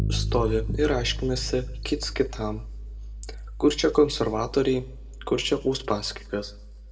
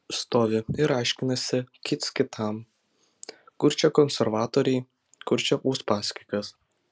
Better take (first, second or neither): second